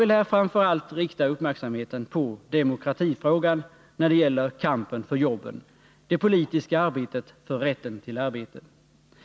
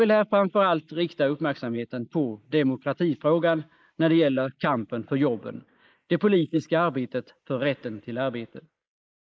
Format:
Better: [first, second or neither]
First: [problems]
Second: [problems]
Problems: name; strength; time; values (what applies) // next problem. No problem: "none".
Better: first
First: none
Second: noise reduction (neural mask model Resemble Enhance denoiser)